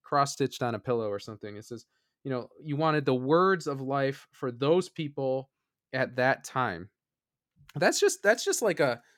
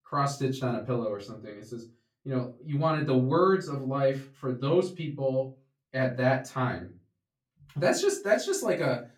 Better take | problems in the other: first | off-mic speech; far // room echo; very slight; dies away in 0.2 s

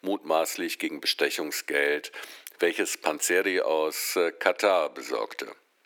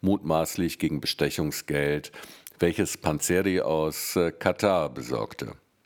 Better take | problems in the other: second | thin; somewhat; fading below 350 Hz

